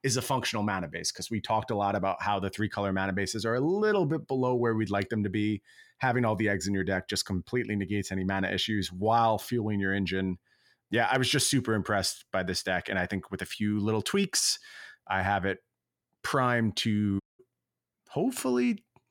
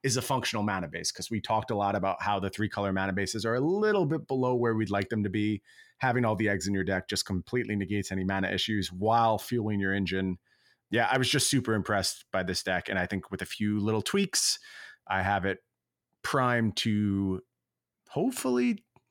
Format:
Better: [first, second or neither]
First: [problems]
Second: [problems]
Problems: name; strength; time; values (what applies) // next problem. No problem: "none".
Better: second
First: audio cutting out; at 17 s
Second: none